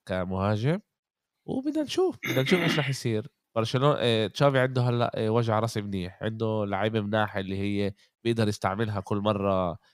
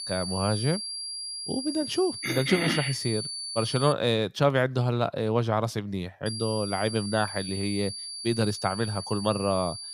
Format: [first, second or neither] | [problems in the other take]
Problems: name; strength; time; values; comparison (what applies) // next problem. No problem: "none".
first | high-pitched whine; loud; until 4 s and from 6.5 s on; 4.5 kHz, 6 dB below the speech